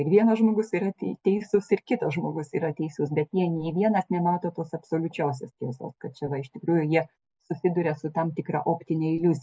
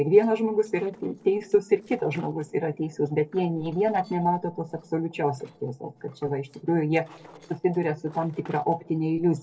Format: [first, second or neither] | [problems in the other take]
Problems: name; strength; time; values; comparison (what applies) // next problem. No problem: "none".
first | noise reduction (neural separator model SepFormer DNS4)